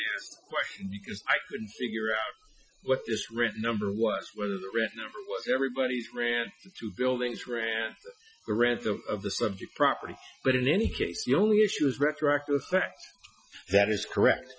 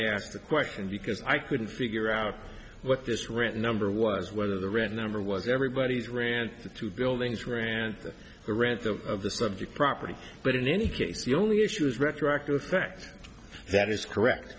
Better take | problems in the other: second | noise reduction (classical method Wiener filter)

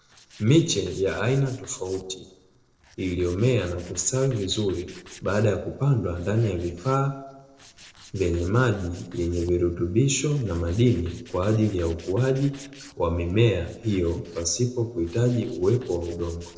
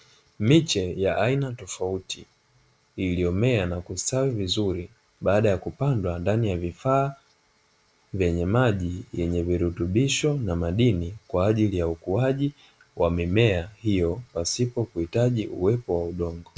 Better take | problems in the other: second | noise reduction (neural separator model SepFormer DNS4)

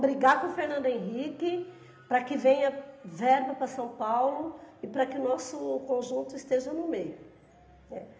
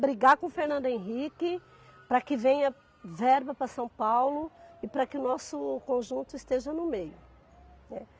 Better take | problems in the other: second | room echo; dies away in 0.8 s

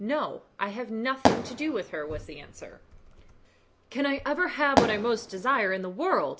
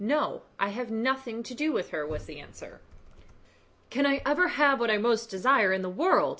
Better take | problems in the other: second | background sound (Fireworks); 2 dB above the speech

